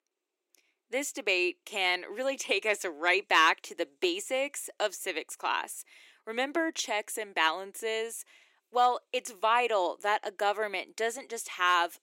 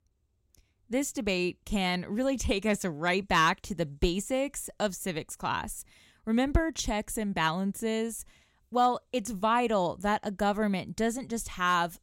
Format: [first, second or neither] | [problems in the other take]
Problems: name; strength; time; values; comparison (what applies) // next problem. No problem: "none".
second | thin; very; fading below 350 Hz